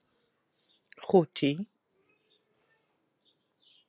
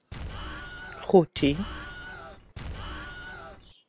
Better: first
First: none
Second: background sound (Explosion); 9 dB below the speech

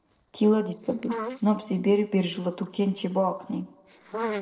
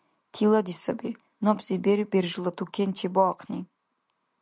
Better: second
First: noise reduction (neural separator model SepFormer DNS4)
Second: none

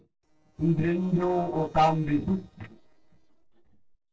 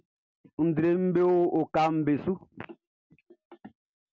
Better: second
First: noise reduction (neural separator model SepFormer DNS4)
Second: none

